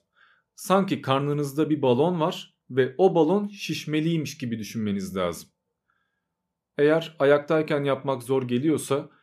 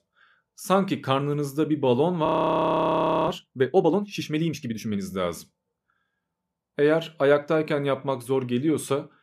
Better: first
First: none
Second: audio freezing; at 2.5 s for 1 s

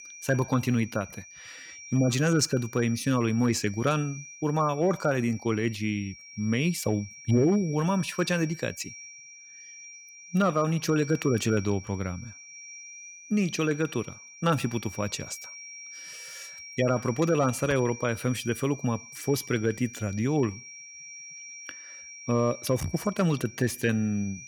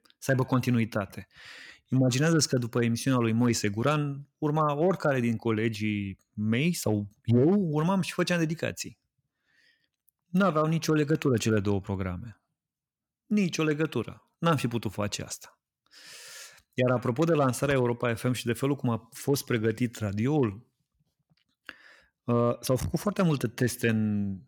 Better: second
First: high-pitched whine; noticeable; throughout; 2.5 kHz, 15 dB below the speech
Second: none

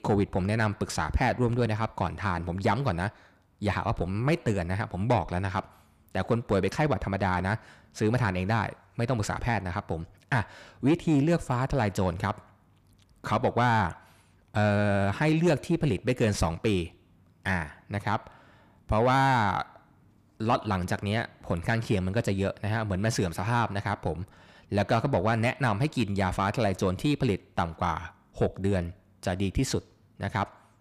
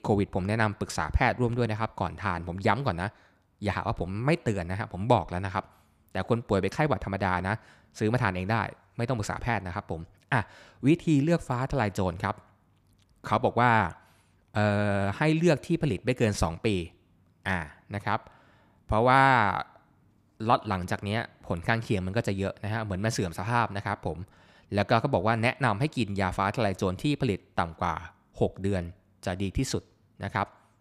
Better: second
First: distortion; slight; 10 dB below the speech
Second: none

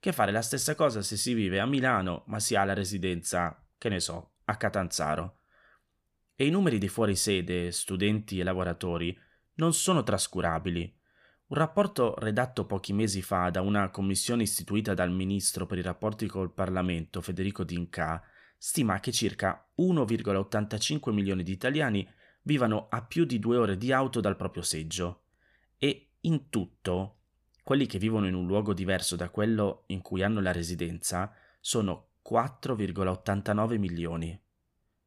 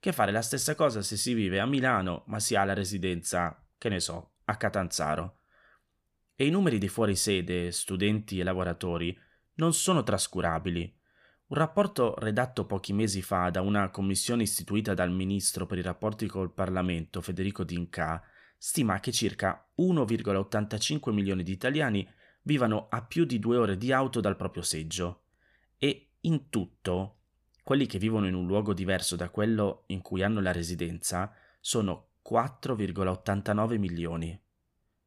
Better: neither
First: none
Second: none

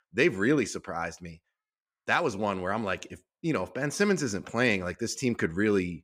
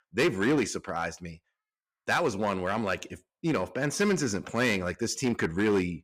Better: first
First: none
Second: distortion; slight; 5% of the sound clipped

